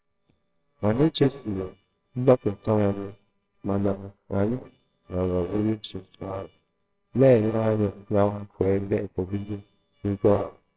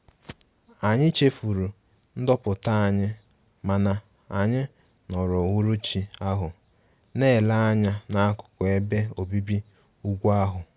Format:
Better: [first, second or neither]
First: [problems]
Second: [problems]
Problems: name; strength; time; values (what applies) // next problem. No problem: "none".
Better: second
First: noise reduction (neural separator model SepFormer WHAMR!)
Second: none